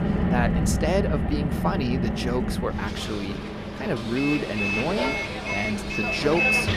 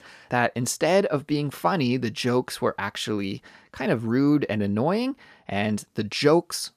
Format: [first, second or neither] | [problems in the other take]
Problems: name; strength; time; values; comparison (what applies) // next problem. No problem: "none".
second | traffic noise; very loud; throughout; 2 dB above the speech